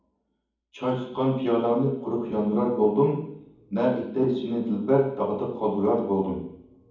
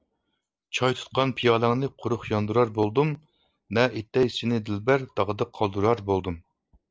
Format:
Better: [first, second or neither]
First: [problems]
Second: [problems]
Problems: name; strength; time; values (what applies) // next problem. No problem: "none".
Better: second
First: room echo; dies away in 1.2 s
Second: none